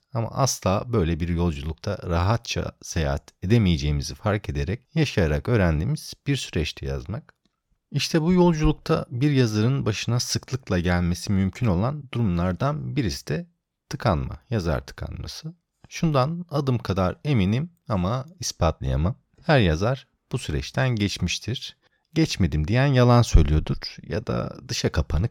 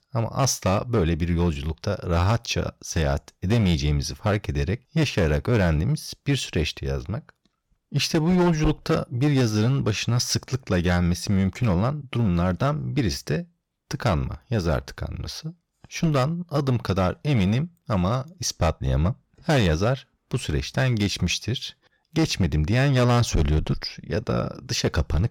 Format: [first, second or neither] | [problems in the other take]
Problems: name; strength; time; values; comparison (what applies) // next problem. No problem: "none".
first | distortion; slight; 7% of the sound clipped